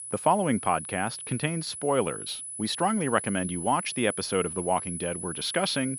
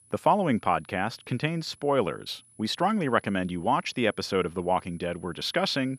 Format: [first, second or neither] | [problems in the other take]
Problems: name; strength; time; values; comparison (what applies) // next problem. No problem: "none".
second | high-pitched whine; loud; throughout; 10 kHz, 7 dB below the speech; faint in the second